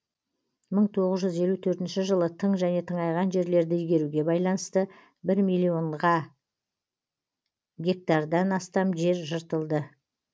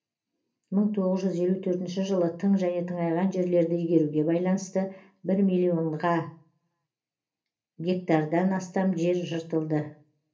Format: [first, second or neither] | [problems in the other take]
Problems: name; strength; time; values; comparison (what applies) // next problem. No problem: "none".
first | room echo; dies away in 0.3 s